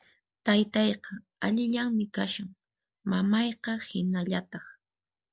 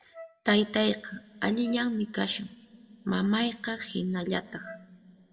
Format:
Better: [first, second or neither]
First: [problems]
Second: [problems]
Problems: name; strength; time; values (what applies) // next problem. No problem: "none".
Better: first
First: none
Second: background sound (Wind instrument, woodwind instrument); 20 dB below the speech // room echo; dies away in 1.7 s